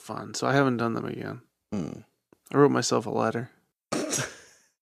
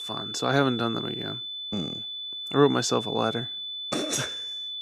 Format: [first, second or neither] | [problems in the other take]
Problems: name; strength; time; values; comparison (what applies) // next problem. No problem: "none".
first | high-pitched whine; loud; throughout; 3.5 kHz, 5 dB below the speech